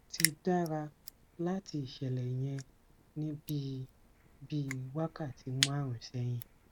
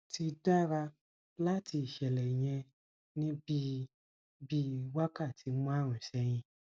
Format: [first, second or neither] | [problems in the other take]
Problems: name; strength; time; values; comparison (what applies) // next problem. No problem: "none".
second | background sound (Crushing); 5 dB below the speech